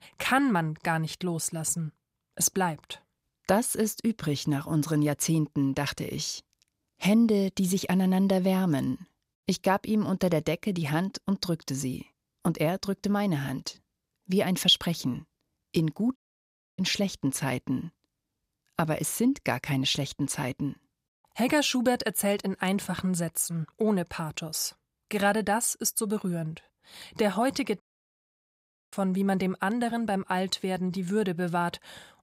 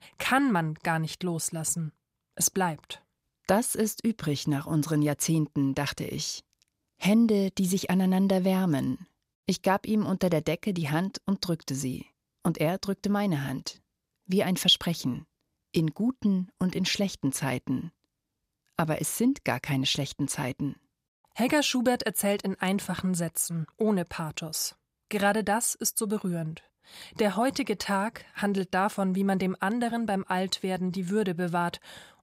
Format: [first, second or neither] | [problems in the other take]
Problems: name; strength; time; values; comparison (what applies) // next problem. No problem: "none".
second | audio cutting out; at 16 s for 0.5 s and at 28 s for 1 s